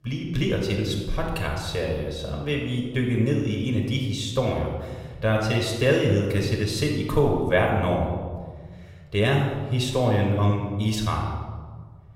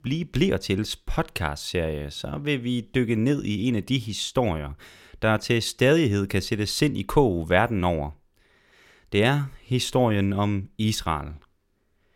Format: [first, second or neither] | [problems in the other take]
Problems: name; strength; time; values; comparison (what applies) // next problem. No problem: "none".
second | room echo; noticeable; dies away in 1.3 s // off-mic speech; somewhat distant